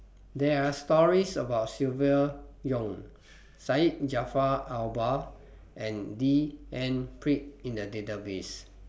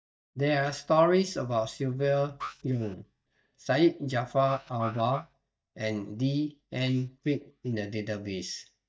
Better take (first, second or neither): first